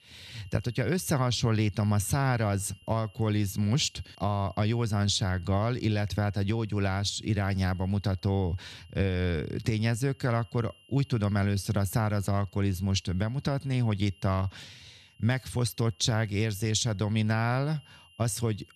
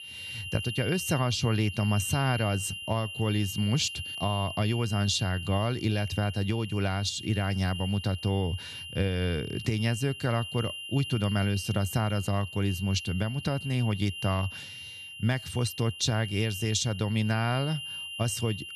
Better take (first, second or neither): first